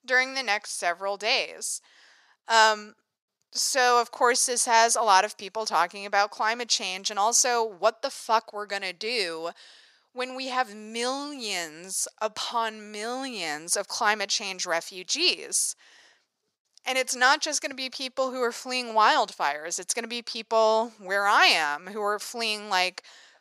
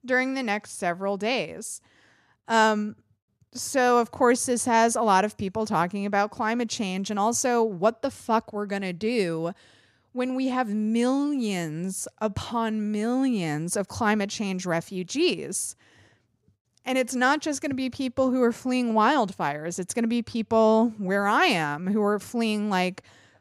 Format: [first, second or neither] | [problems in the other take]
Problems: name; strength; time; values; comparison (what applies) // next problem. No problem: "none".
second | thin; very; fading below 650 Hz